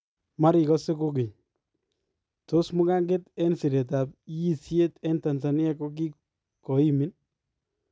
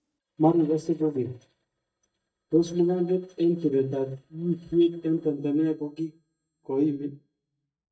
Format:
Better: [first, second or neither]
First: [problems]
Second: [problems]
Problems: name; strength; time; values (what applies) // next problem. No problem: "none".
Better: first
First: none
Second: noise reduction (neural mask model DeepFilterNet 3)